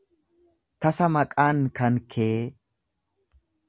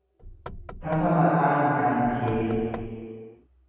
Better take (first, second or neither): first